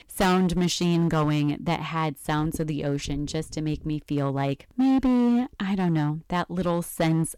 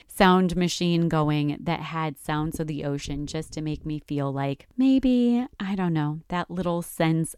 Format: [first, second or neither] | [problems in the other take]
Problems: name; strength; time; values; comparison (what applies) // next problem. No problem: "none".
second | distortion; slight; 9% of the sound clipped